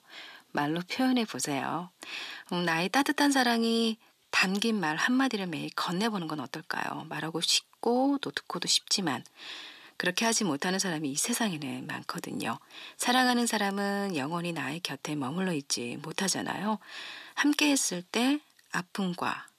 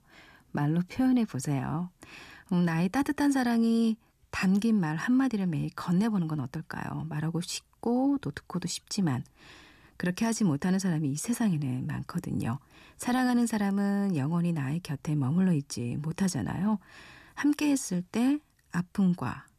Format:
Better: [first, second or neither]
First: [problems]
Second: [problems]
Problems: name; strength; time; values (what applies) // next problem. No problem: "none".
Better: second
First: thin; somewhat; fading below 400 Hz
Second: none